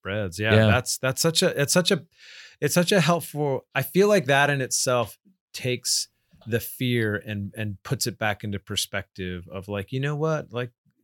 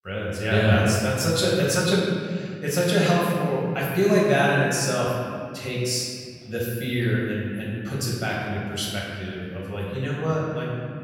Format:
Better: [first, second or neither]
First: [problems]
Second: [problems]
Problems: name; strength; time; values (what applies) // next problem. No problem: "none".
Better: first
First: none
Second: room echo; noticeable; dies away in 2.2 s // off-mic speech; far